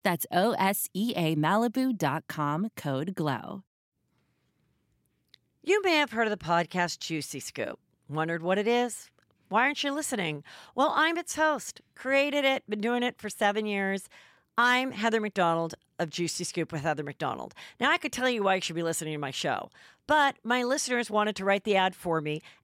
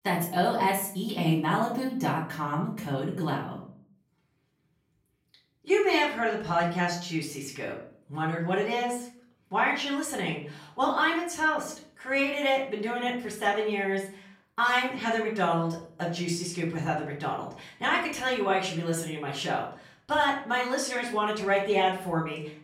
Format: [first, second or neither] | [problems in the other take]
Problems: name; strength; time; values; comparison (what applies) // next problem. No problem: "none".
first | off-mic speech; far // room echo; slight; dies away in 0.4 s